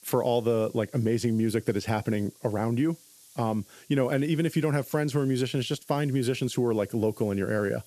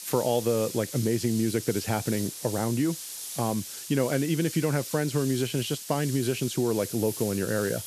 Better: first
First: hiss; faint; throughout; 25 dB below the speech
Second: hiss; loud; throughout; 8 dB below the speech

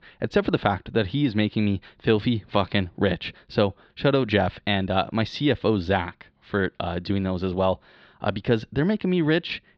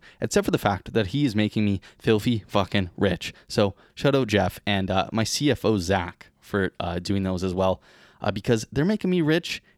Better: second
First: muffled; slightly; fading above 4 kHz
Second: none

